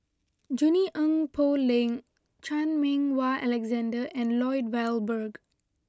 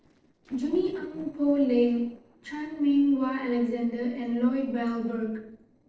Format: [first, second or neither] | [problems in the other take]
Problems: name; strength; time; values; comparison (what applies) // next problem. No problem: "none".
first | noise reduction (neural separator model SepFormer DNS4)